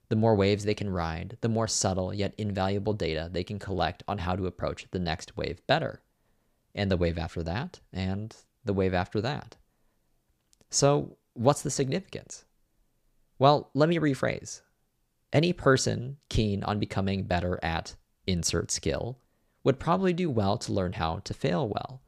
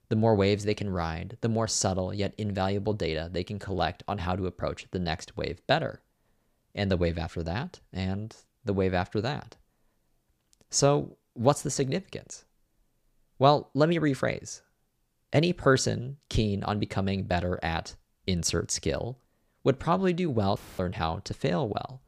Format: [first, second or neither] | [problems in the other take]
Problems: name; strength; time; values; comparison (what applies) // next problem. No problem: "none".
first | audio cutting out; filled with static; at 21 s